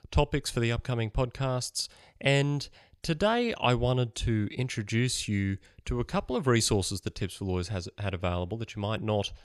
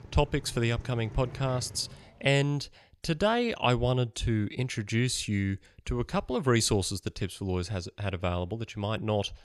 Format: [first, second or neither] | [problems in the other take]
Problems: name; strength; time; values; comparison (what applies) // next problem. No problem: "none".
first | traffic noise; noticeable; until 2 s; 15 dB below the speech